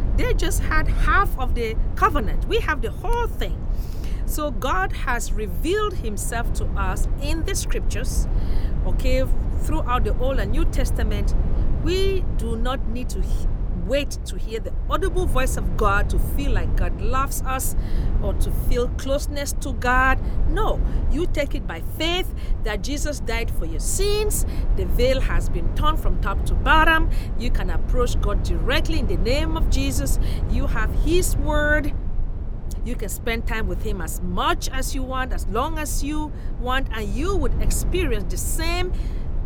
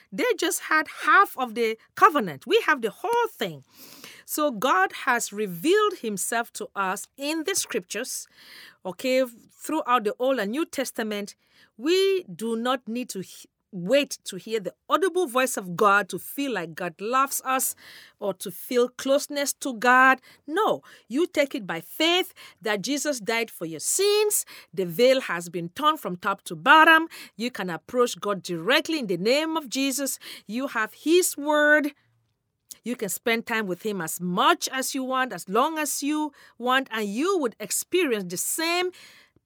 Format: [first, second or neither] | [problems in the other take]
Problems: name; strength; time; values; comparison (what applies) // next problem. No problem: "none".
second | low rumble; noticeable; throughout; 15 dB below the speech